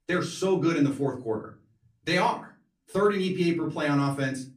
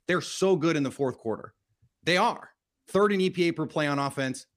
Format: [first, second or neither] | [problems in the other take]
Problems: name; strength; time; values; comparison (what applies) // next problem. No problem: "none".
second | off-mic speech; far // room echo; very slight; dies away in 0.3 s